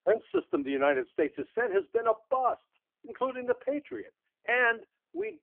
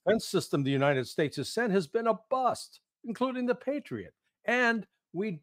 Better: second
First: phone-call audio; poor line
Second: none

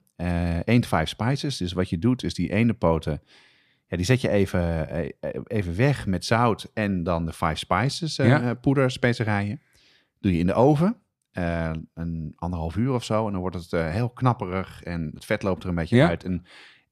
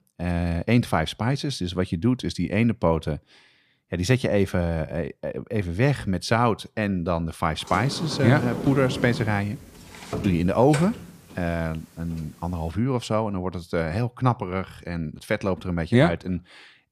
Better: first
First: none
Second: door banging; noticeable; from 7.5 to 12 s; peak 6 dB below the speech

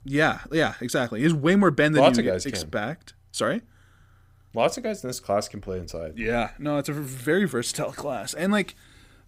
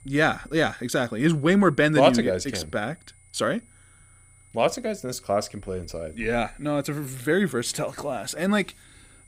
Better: first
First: none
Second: high-pitched whine; faint; throughout; 9.5 kHz, 30 dB below the speech

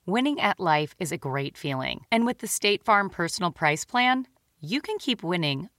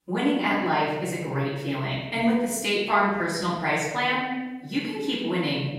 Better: first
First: none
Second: off-mic speech; far // room echo; noticeable; dies away in 1.1 s

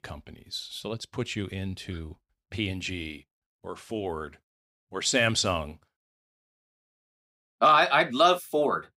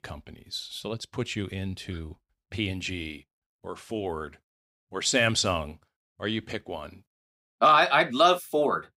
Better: second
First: audio cutting out; at 6 s for 1 s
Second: none

